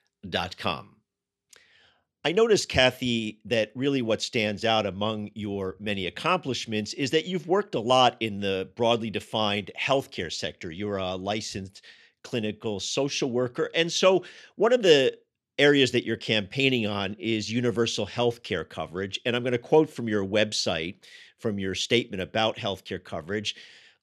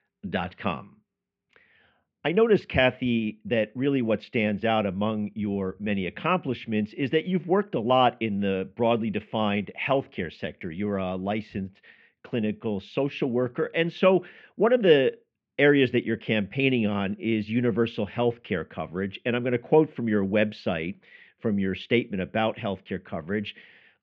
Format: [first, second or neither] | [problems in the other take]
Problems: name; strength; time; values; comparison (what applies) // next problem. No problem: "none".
first | muffled; very; fading above 2.5 kHz